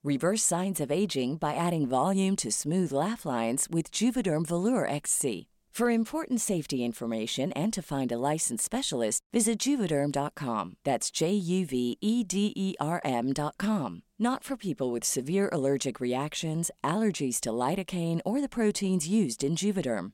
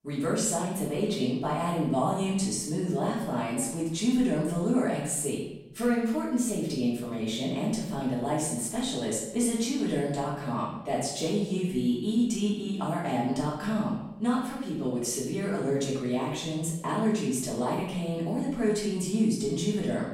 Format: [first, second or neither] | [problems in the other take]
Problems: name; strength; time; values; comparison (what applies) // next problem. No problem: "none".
first | room echo; noticeable; dies away in 0.8 s // off-mic speech; far